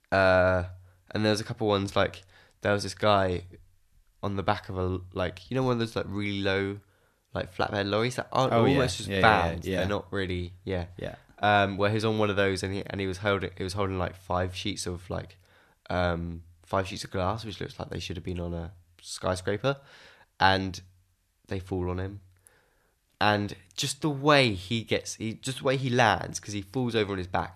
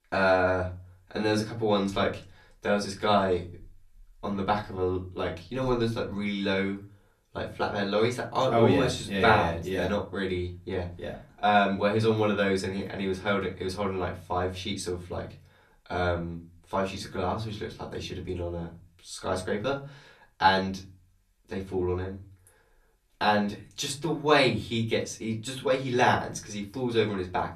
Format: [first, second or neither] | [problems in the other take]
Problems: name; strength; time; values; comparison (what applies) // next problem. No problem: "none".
first | off-mic speech; far // room echo; very slight; dies away in 0.3 s